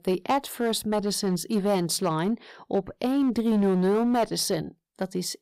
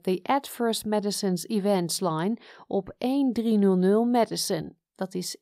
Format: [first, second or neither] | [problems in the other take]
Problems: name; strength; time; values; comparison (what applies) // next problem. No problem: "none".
second | distortion; slight; 8% of the sound clipped